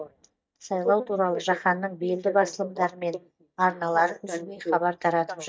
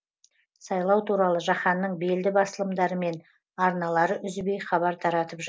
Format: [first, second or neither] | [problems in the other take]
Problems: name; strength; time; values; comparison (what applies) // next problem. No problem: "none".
second | noise reduction (neural mask model DeepFilterNet 3)